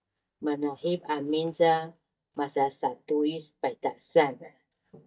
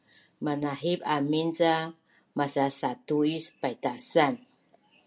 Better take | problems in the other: second | noise reduction (neural mask model DeepFilterNet 3)

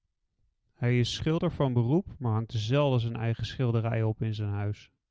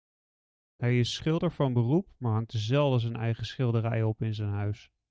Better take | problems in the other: first | noise reduction (neural mask model DeepFilterNet 3)

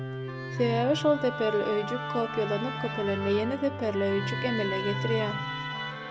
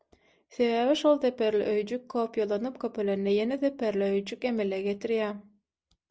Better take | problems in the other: second | background sound (Musical instrument); 4 dB below the speech

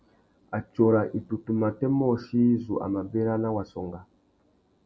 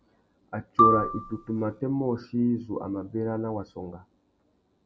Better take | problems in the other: first | background sound (Marimba, xylophone); 2 dB above the speech

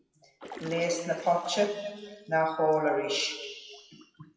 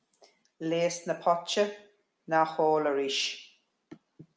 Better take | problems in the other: second | noise reduction (classical method WPE with log-MMSE)

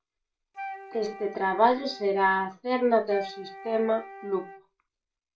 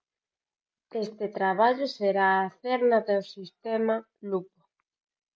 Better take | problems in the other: second | background sound (Wind instrument, woodwind instrument); 15 dB below the speech // room echo; dies away in 0.2 s

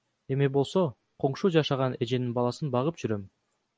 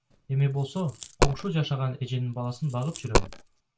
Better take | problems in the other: first | background sound (Coin (dropping)); 1 dB below the speech // room echo; dies away in 0.2 s

